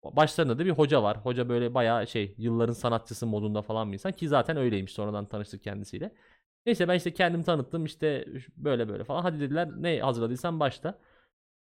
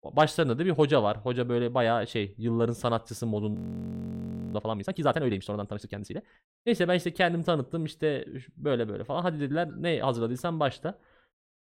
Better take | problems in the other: first | audio freezing; at 3.5 s for 1 s

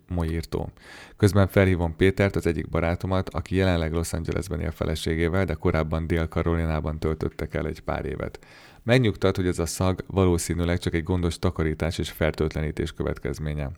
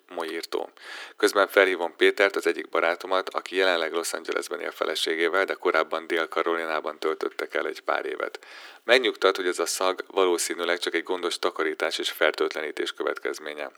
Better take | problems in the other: first | thin; very; fading below 350 Hz

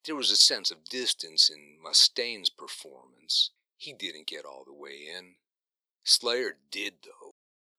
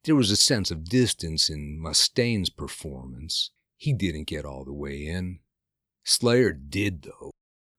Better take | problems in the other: second | thin; very; fading below 450 Hz

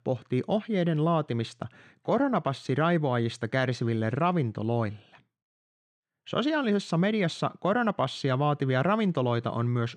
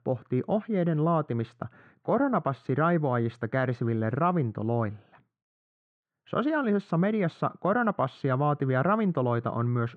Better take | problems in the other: first | muffled; very; fading above 2.5 kHz

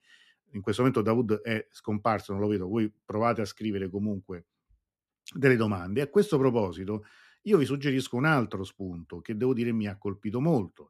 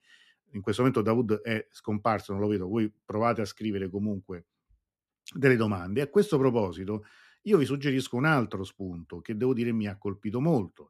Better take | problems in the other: neither | none

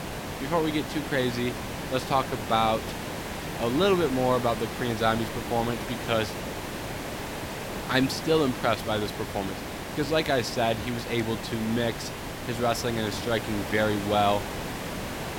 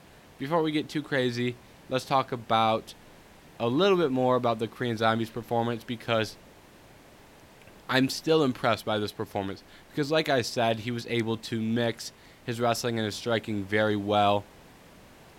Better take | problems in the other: second | hiss; loud; throughout; 7 dB below the speech; faint in the second

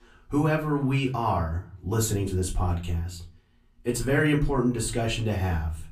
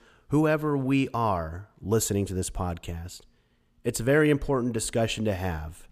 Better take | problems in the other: second | off-mic speech; far // room echo; very slight; dies away in 0.3 s

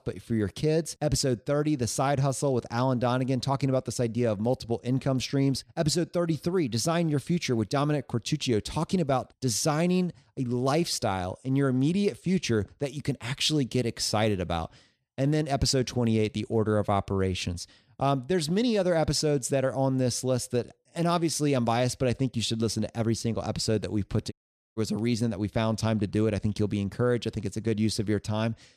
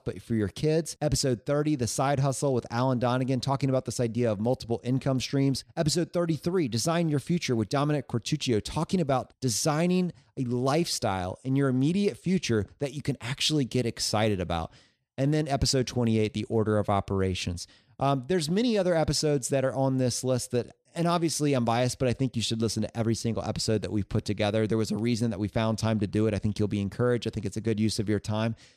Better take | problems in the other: second | audio cutting out; at 24 s

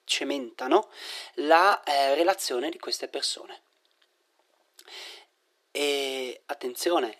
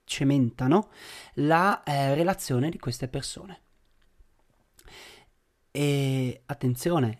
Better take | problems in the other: second | thin; very; fading below 350 Hz

